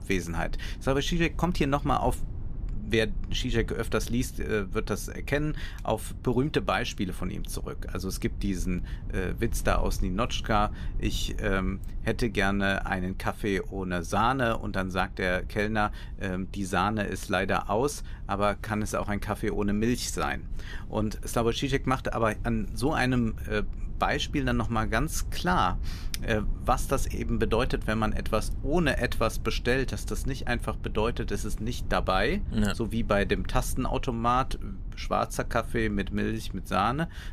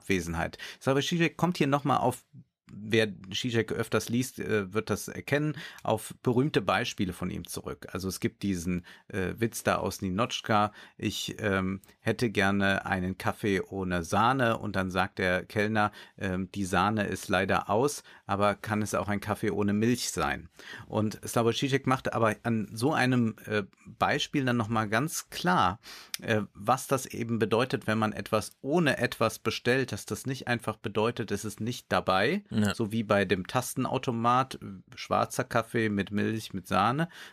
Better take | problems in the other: second | low rumble; faint; throughout; 25 dB below the speech

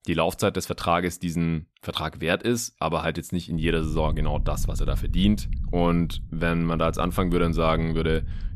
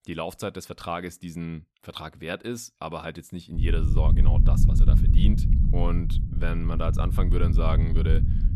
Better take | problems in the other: first | low rumble; loud; from 3.5 s on; 5 dB below the speech; faint in the first

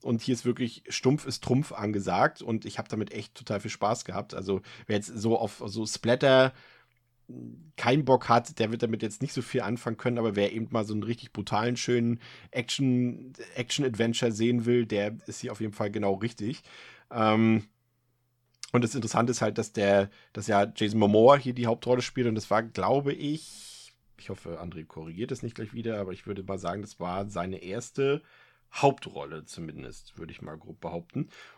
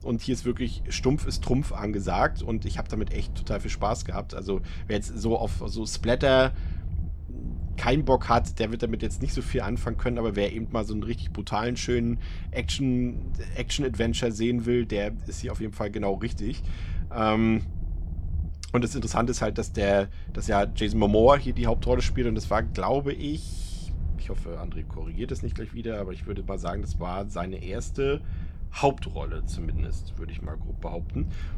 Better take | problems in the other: first | low rumble; faint; throughout; 25 dB below the speech

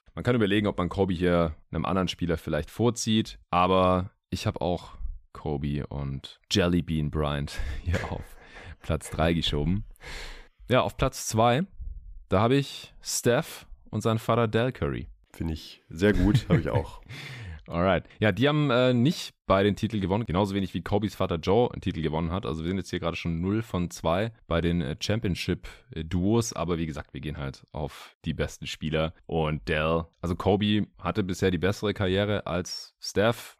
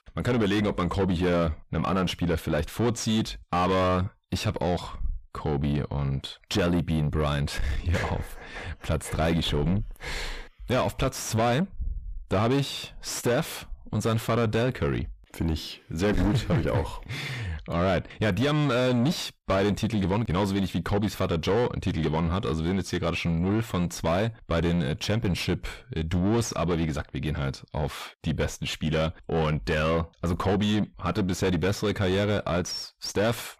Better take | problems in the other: first | distortion; heavy; 7 dB below the speech

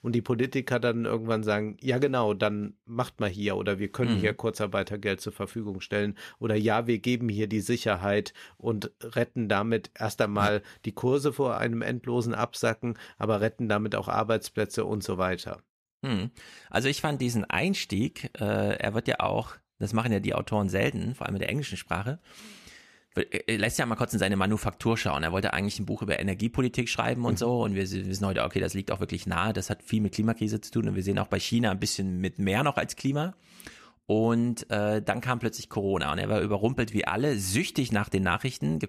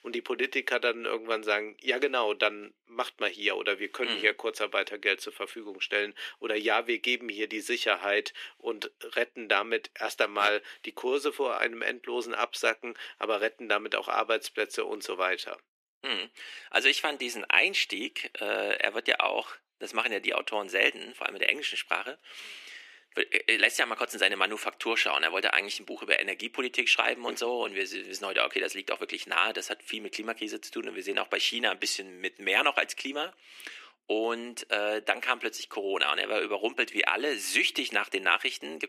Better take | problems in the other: first | thin; very; fading below 300 Hz

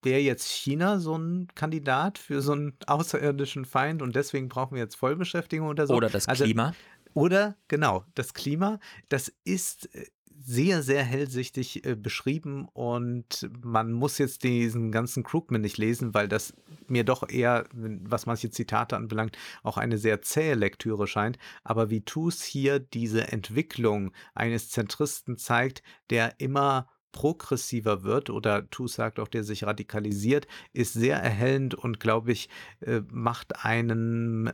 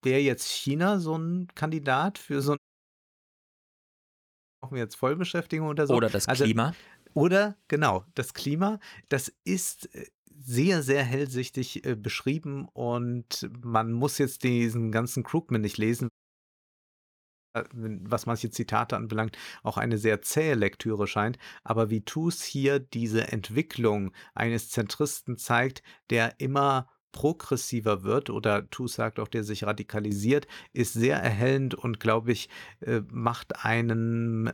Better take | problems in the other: first | audio cutting out; at 2.5 s for 2 s and at 16 s for 1.5 s

